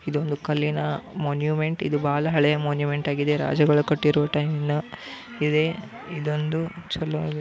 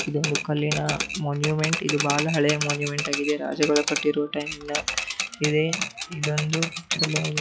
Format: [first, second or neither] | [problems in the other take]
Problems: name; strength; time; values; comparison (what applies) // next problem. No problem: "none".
first | noise reduction (classical method log-MMSE)